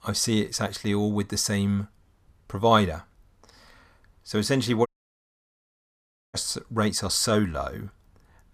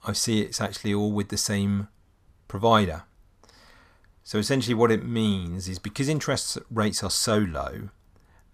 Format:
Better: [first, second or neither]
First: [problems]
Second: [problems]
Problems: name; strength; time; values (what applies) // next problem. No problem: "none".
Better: second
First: audio cutting out; at 5 s for 1.5 s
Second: none